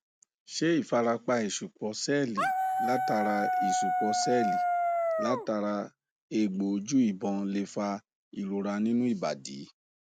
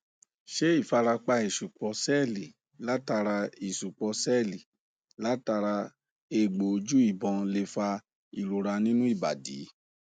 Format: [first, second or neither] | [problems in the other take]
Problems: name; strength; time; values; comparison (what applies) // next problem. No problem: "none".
second | background sound (Dog); 2 dB above the speech